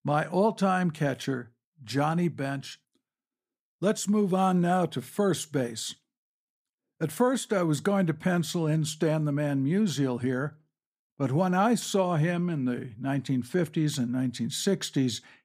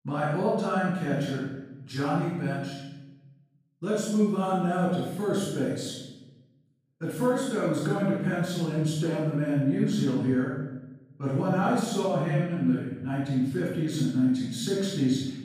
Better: first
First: none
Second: room echo; strong; dies away in 1 s // off-mic speech; far

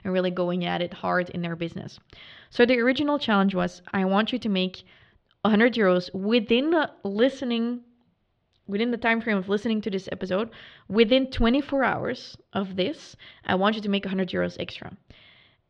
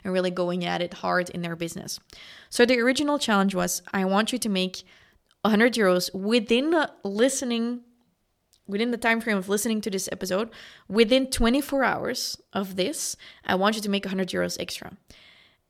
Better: second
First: muffled; slightly; fading above 3.5 kHz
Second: none

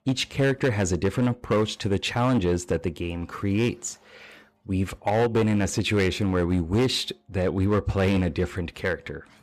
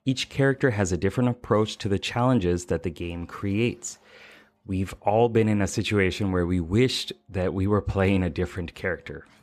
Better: second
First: distortion; slight; 7% of the sound clipped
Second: none

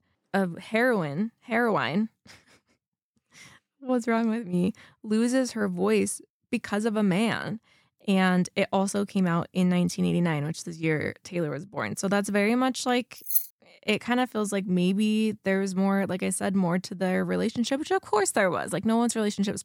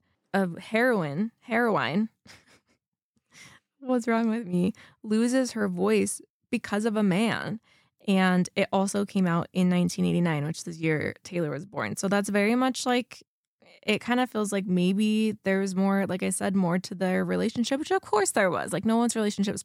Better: second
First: jangling keys; loud; at 13 s; peak 2 dB above the speech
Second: none

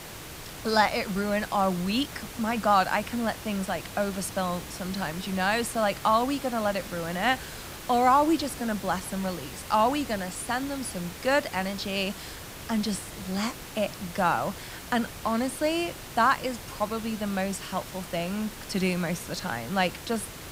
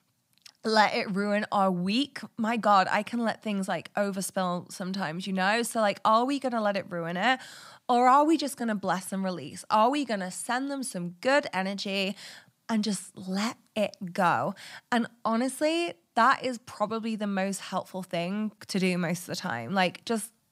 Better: second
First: hiss; noticeable; throughout; 10 dB below the speech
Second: none

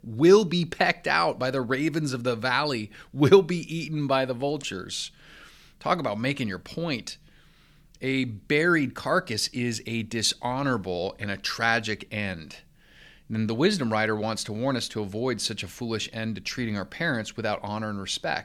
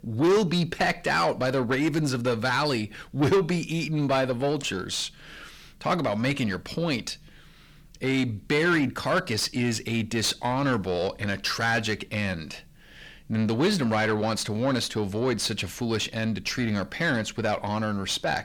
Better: first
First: none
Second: distortion; heavy; 7 dB below the speech

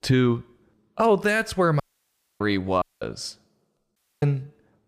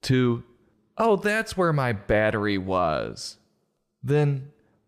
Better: second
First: audio cutting out; at 2 s for 0.5 s, at 3 s and at 4 s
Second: none

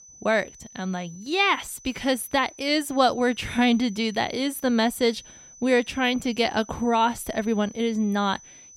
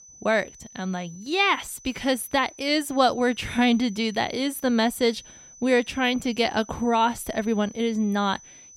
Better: neither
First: high-pitched whine; faint; throughout; 6 kHz, 20 dB below the speech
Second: high-pitched whine; faint; throughout; 6 kHz, 20 dB below the speech

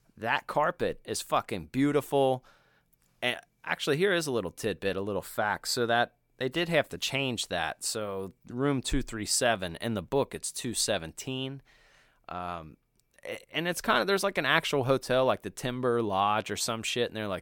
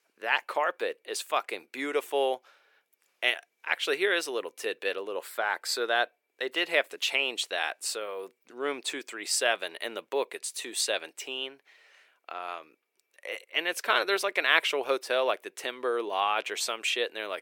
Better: first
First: none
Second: thin; somewhat; fading below 400 Hz

